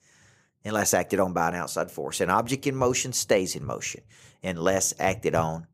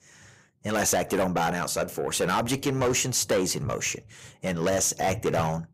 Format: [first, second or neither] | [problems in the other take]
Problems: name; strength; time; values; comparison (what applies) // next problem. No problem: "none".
first | distortion; heavy; 6 dB below the speech